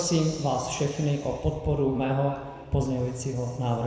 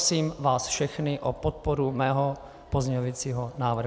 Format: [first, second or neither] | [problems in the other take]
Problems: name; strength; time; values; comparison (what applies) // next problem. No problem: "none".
second | room echo; dies away in 2 s